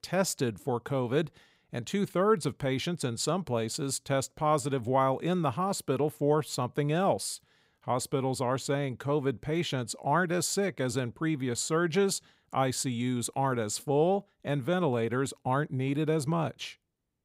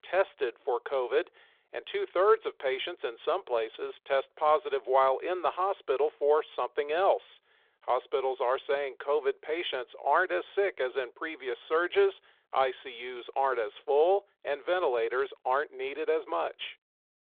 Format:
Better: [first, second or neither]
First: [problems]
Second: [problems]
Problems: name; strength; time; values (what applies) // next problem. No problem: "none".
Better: first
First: none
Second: phone-call audio; nothing above 3.5 kHz